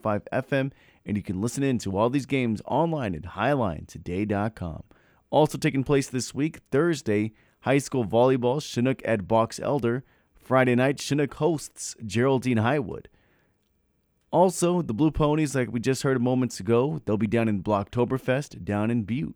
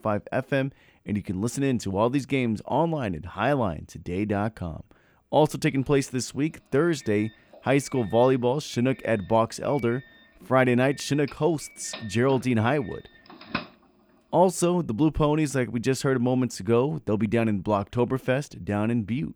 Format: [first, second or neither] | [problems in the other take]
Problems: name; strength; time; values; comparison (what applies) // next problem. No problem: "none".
first | doorbell; noticeable; from 11 to 14 s; peak 8 dB below the speech